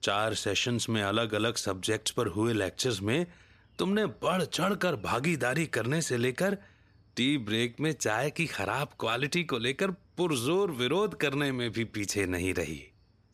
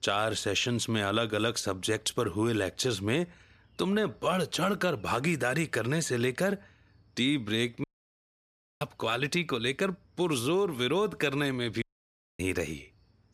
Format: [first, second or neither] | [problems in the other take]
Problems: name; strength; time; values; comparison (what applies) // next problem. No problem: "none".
first | audio cutting out; at 8 s for 1 s and at 12 s for 0.5 s